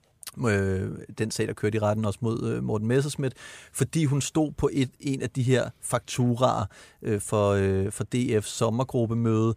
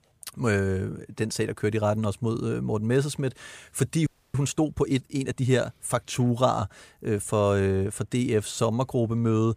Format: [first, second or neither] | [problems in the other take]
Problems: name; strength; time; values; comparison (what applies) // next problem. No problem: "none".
first | audio freezing; at 4 s